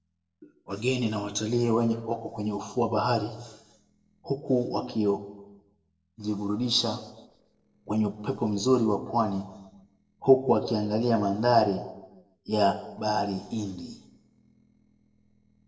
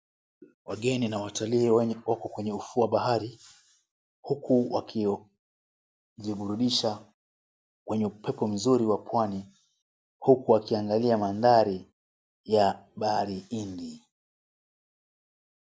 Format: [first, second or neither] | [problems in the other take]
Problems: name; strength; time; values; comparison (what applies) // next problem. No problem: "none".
second | noise reduction (neural separator model SepFormer DNS4)